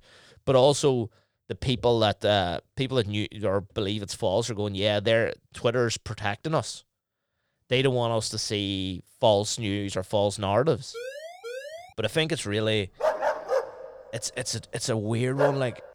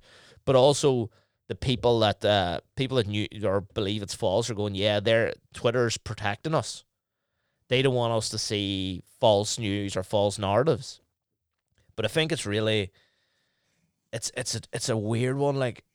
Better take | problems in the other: second | siren; faint; at 11 s; peak 10 dB below the speech // dog barking; loud; from 13 s on; peak level with the speech

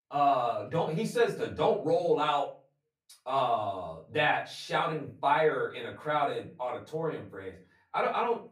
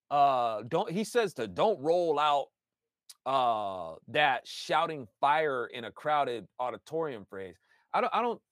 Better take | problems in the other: second | room echo; slight; dies away in 0.3 s // off-mic speech; far

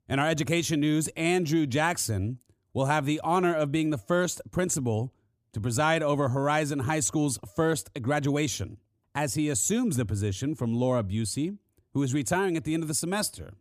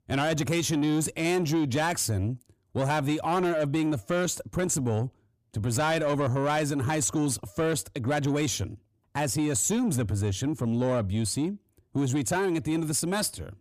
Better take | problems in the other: first | distortion; slight; 10 dB below the speech

